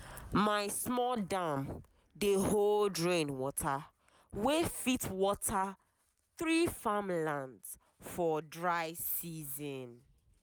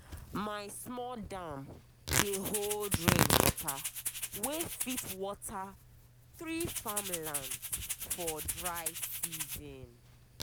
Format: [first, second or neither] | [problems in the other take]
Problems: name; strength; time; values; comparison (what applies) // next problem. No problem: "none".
first | background sound (Tearing + Rattle (instrument)); 5 dB above the speech